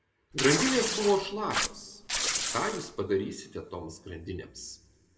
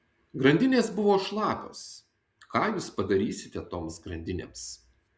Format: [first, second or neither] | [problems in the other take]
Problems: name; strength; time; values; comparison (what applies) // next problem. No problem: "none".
second | background sound (Tearing); 1 dB below the speech // room echo; dies away in 0.8 s